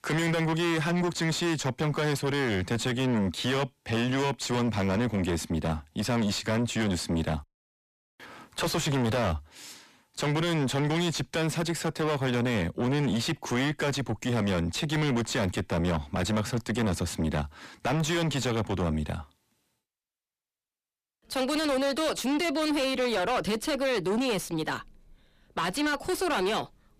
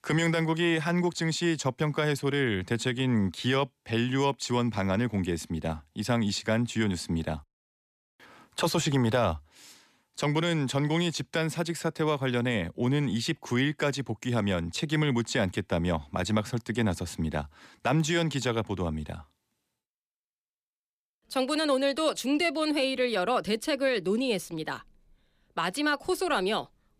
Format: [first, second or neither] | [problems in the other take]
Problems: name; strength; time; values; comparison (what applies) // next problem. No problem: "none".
second | distortion; heavy; 7 dB below the speech